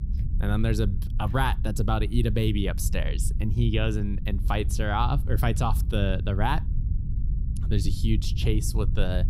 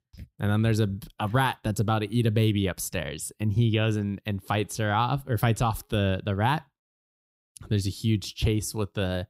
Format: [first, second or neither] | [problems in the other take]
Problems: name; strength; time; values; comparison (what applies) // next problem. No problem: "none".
second | low rumble; noticeable; throughout; 15 dB below the speech